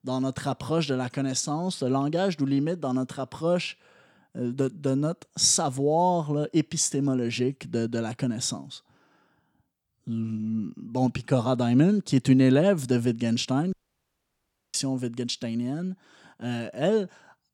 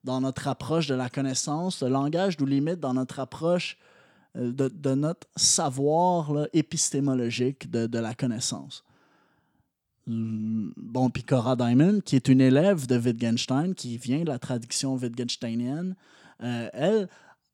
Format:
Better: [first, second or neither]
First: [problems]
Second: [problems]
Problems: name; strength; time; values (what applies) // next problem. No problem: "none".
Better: second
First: audio cutting out; at 14 s for 1 s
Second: none